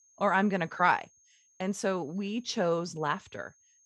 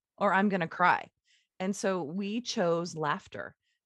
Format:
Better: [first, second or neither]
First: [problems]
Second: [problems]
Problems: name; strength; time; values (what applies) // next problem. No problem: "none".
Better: second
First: high-pitched whine; faint; throughout; 6.5 kHz, 35 dB below the speech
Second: none